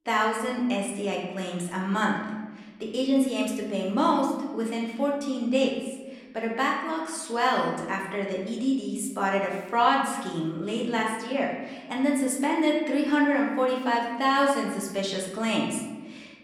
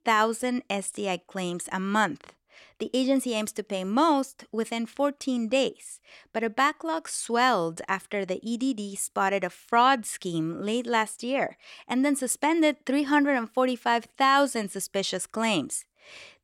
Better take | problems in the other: second | room echo; noticeable; dies away in 1.1 s // off-mic speech; somewhat distant

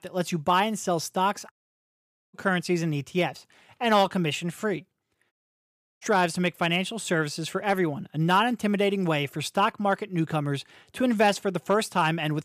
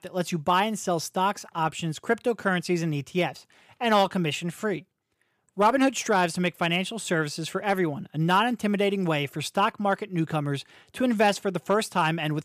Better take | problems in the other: second | audio cutting out; at 1.5 s for 1 s and at 5.5 s for 0.5 s

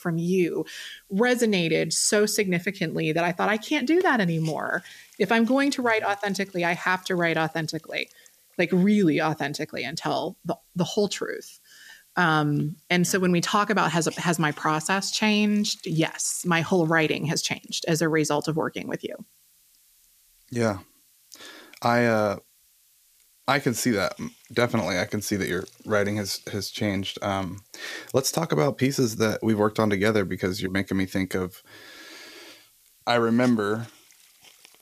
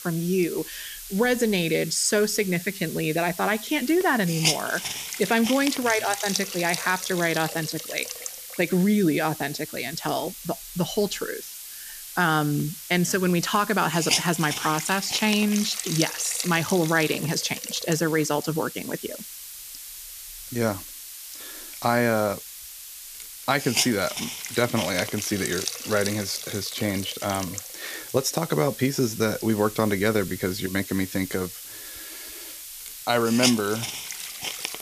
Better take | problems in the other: first | hiss; loud; throughout; 7 dB below the speech; faint in the first

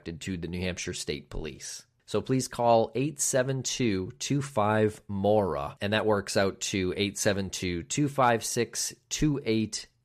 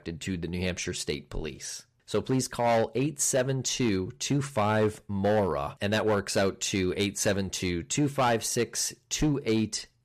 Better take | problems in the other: first | distortion; slight; 5% of the sound clipped

